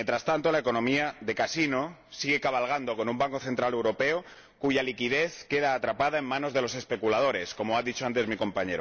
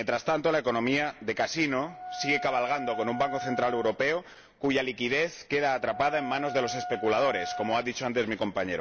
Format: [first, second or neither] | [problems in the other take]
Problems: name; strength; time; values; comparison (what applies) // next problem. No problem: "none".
first | background sound (Wind instrument, woodwind instrument); 10 dB below the speech